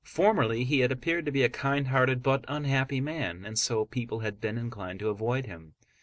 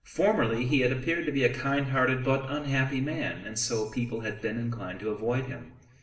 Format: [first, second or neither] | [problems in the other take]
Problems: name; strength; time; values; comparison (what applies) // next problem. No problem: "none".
first | room echo; dies away in 0.9 s